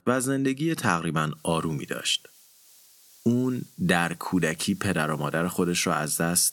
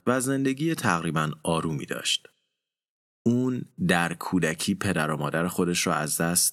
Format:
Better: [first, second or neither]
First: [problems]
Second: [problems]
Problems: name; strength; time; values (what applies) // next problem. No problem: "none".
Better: second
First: hiss; faint; from 1.5 s on; 25 dB below the speech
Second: none